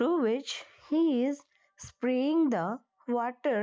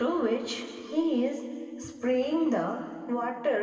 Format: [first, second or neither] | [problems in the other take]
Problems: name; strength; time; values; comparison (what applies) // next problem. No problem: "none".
first | room echo; dies away in 2.6 s